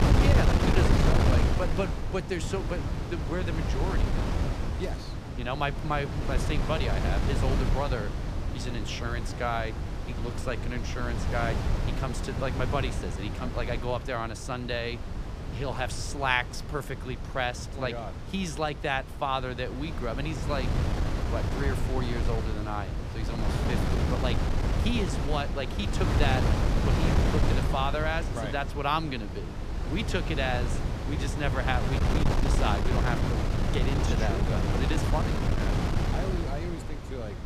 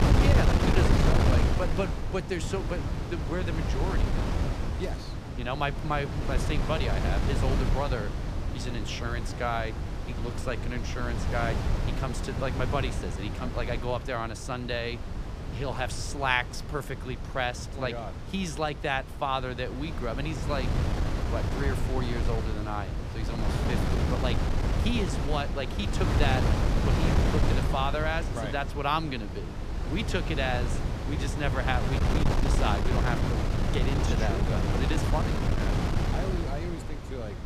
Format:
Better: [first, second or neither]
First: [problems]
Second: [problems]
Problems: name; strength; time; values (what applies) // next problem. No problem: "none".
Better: neither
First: wind noise on the microphone; heavy; 3 dB below the speech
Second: wind noise on the microphone; heavy; 3 dB below the speech